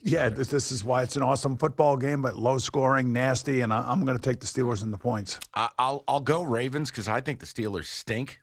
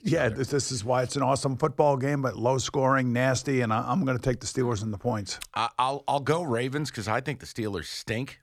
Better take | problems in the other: second | garbled, watery; slightly; nothing above 17.5 kHz

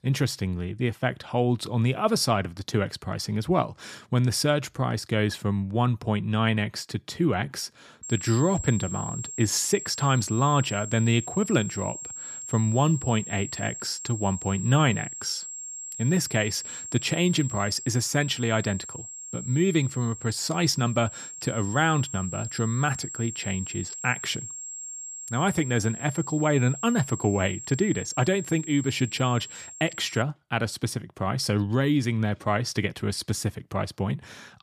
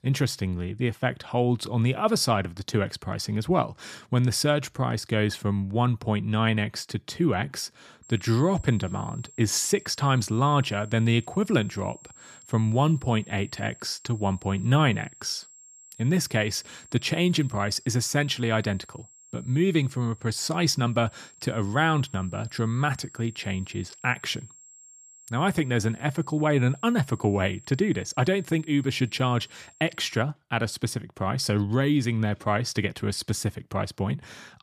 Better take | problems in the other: second | high-pitched whine; loud; from 8 to 30 s; 7.5 kHz, 9 dB below the speech; faint in the second

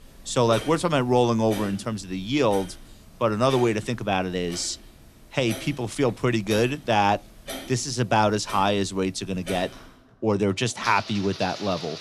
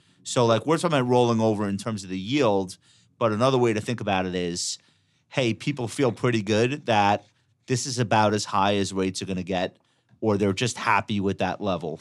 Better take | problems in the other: second | household noises; noticeable; throughout; 15 dB below the speech

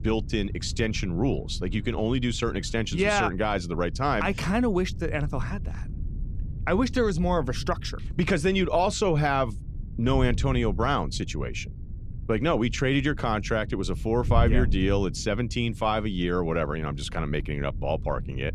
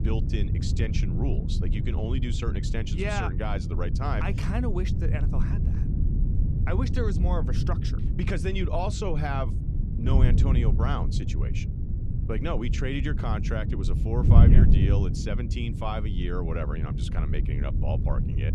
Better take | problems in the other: first | wind noise on the microphone; heavy; 5 dB below the speech; occasional gusts in the first

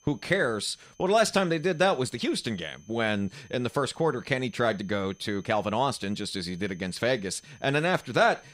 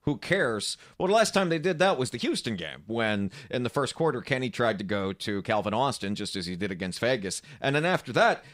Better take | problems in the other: second | high-pitched whine; faint; throughout; 6 kHz, 30 dB below the speech

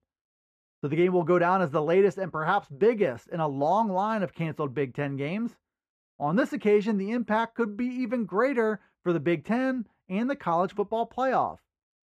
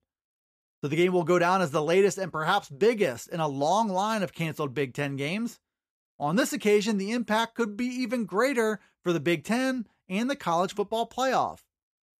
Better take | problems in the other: second | muffled; very; fading above 3 kHz

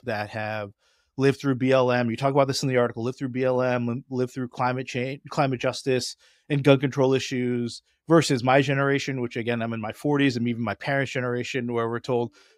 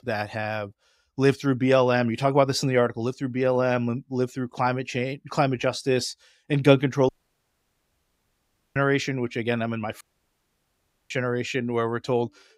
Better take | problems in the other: first | audio cutting out; at 7 s for 1.5 s and at 10 s for 1 s

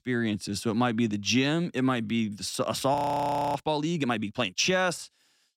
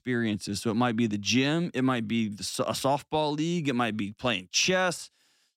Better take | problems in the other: second | audio freezing; at 3 s for 0.5 s

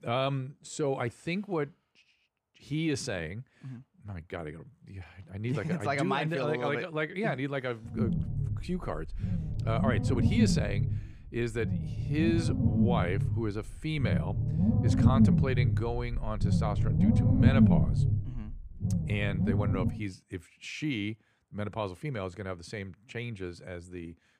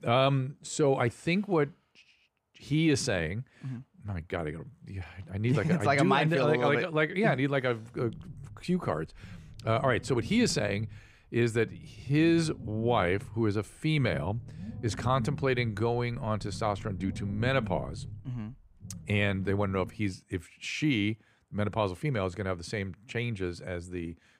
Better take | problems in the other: second | low rumble; loud; from 8 to 20 s; 2 dB below the speech; faint in the second

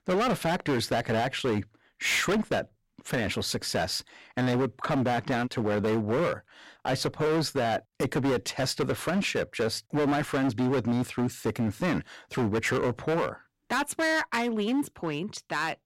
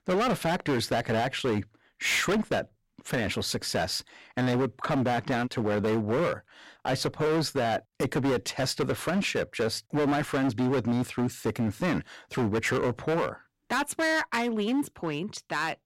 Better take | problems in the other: neither | distortion; heavy; 18% of the sound clipped; the same in both

